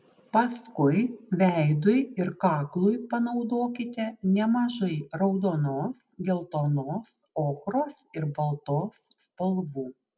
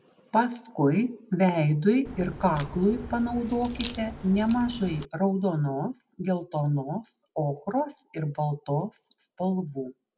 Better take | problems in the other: first | background sound (Crack); 13 dB below the speech

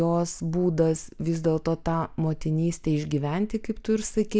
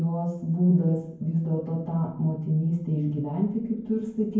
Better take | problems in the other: first | room echo; dies away in 0.9 s

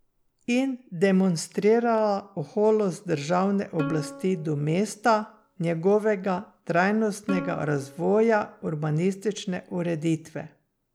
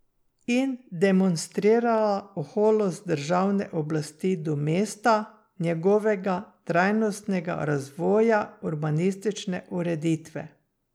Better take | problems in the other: second | background sound (Plucked string instrument); 15 dB below the speech

